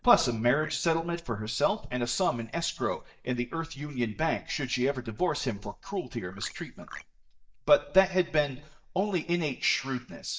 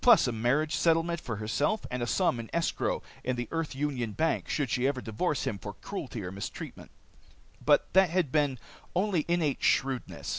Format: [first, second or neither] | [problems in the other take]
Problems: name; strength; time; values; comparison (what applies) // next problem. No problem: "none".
second | noise reduction (neural mask model DeepFilterNet 3)